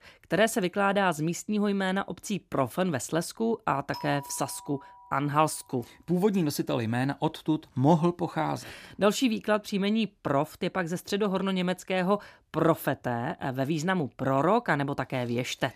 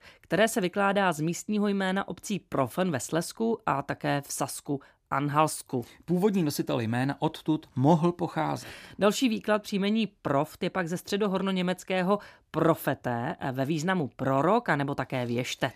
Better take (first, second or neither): second